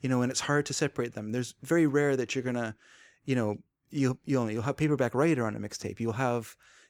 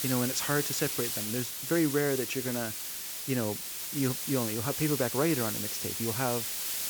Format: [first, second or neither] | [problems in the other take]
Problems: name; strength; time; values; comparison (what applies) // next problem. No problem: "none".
first | hiss; loud; throughout; 1 dB below the speech